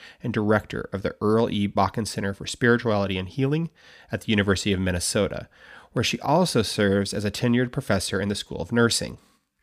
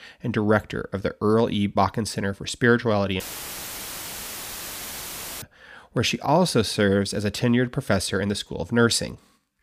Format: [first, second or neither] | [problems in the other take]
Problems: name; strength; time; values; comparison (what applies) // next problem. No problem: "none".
first | audio cutting out; filled with static; at 3 s for 2 s